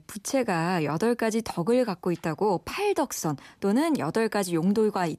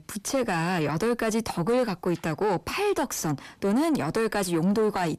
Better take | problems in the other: first | distortion; slight; 9 dB below the speech

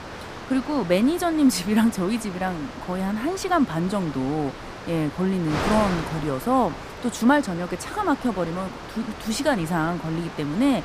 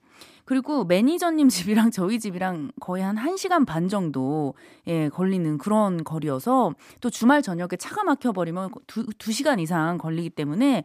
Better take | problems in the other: second | wind noise on the microphone; heavy; 8 dB below the speech

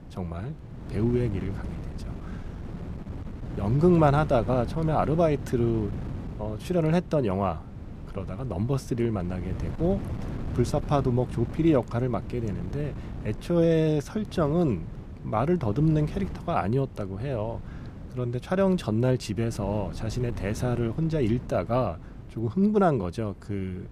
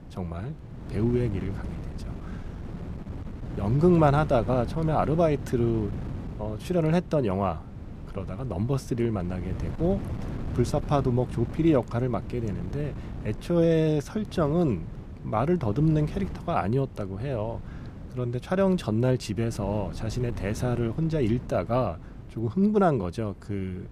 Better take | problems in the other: neither | wind noise on the microphone; occasional gusts; 15 dB below the speech; the same in both

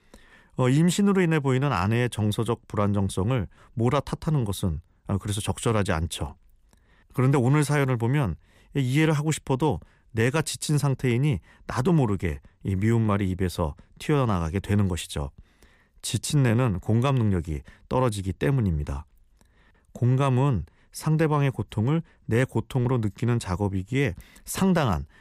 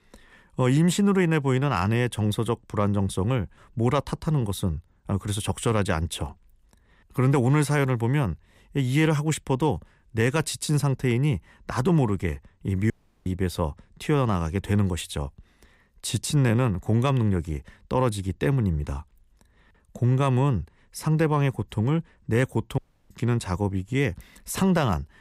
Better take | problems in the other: first | audio cutting out; at 13 s and at 23 s

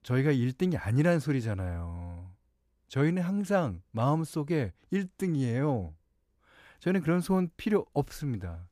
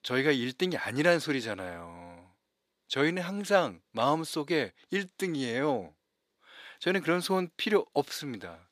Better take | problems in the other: first | thin; somewhat; fading below 350 Hz

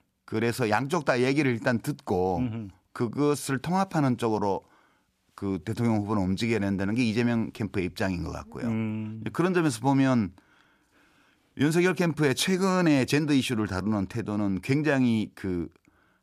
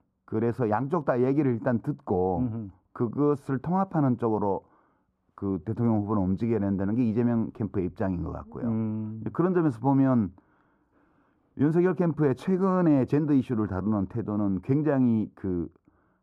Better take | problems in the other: first | muffled; very; fading above 1.5 kHz

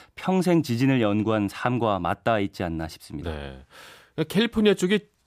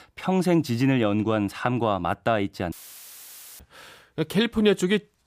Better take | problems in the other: first | audio cutting out; filled with static; at 2.5 s for 1 s

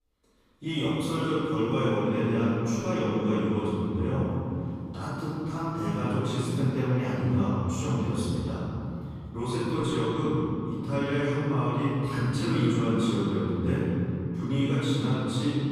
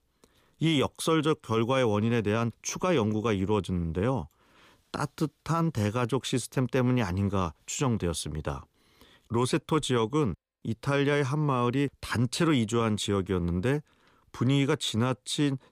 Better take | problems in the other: second | room echo; strong; dies away in 3 s // off-mic speech; far

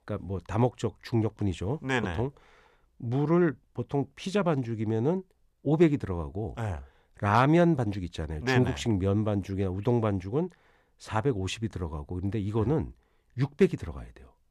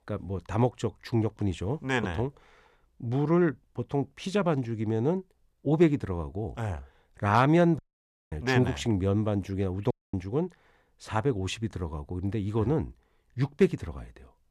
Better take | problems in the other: first | audio cutting out; at 8 s for 0.5 s and at 10 s

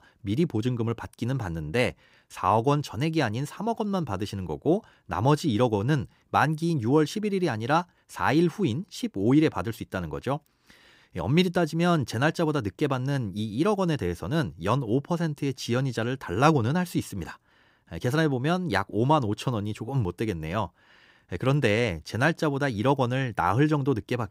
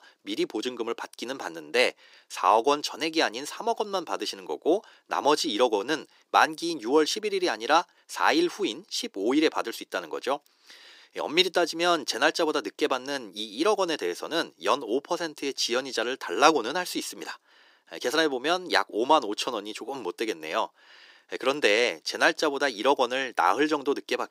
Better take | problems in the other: first | thin; very; fading below 350 Hz

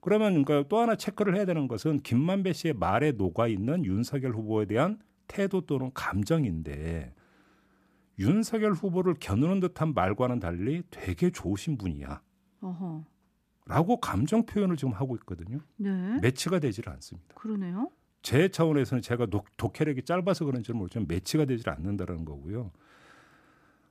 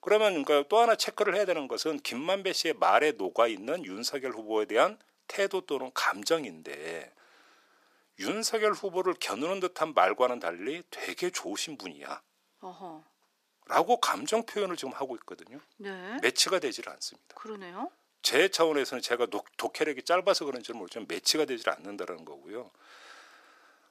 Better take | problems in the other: first | thin; very; fading below 450 Hz

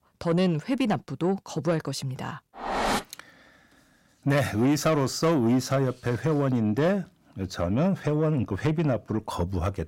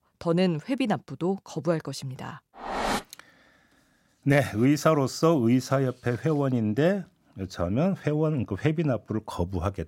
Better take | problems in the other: second | distortion; slight; 10 dB below the speech

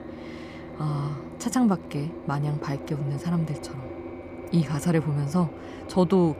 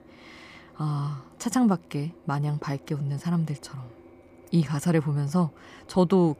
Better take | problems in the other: second | low rumble; loud; throughout; 9 dB below the speech; faint in the second

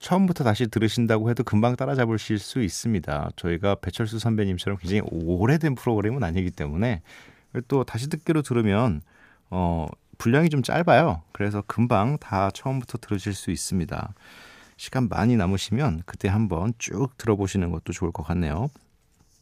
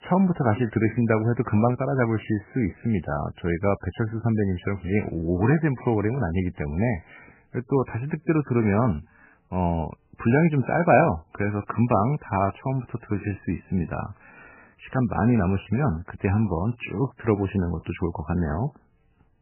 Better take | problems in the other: first | garbled, watery; badly; nothing above 2.5 kHz

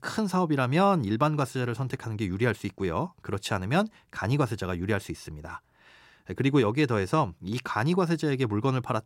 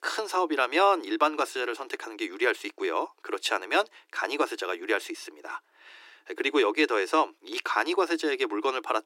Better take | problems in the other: first | thin; very; fading below 300 Hz

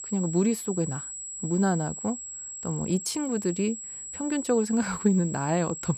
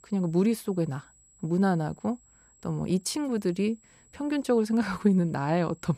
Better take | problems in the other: second | high-pitched whine; loud; throughout; 7.5 kHz, 8 dB below the speech; faint in the second

